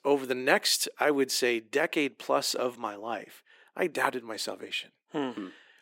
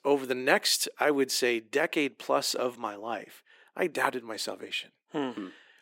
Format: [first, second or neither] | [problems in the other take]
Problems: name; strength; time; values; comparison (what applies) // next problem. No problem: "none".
neither | thin; somewhat; fading below 300 Hz; the same in both